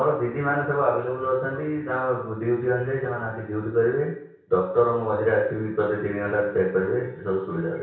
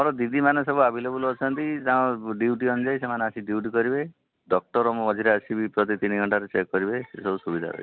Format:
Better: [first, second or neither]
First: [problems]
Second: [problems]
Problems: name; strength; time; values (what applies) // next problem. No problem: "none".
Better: second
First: room echo; dies away in 0.6 s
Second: none